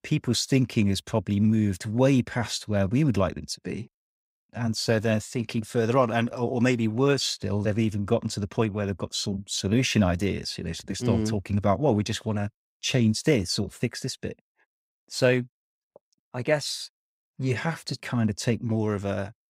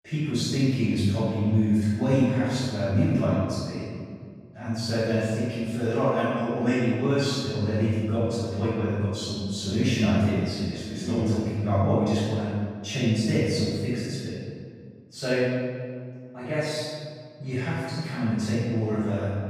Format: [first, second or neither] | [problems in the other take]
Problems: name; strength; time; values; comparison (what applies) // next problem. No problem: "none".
first | room echo; strong; dies away in 1.7 s // off-mic speech; far